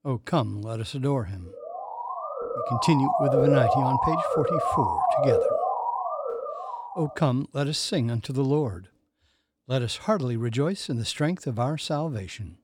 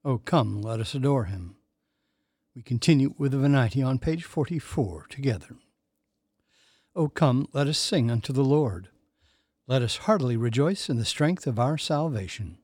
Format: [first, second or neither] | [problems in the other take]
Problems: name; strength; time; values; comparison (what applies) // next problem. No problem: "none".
second | siren; loud; from 1.5 to 7 s; peak 6 dB above the speech